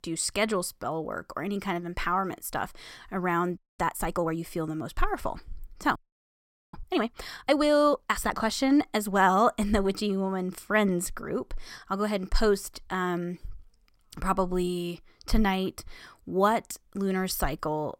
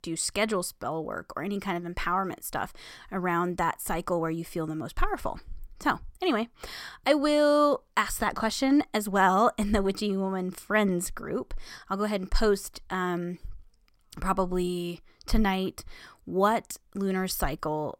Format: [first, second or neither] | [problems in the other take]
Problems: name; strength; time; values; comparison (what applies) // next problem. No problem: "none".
second | audio freezing; at 3.5 s and at 6 s for 1 s